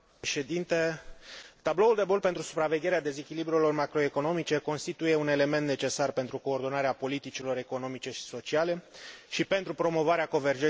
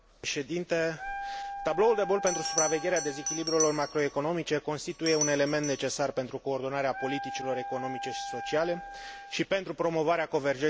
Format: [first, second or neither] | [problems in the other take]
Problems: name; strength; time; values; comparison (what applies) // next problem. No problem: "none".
first | background sound (Bell + Wind instrument, woodwind instrument); 8 dB below the speech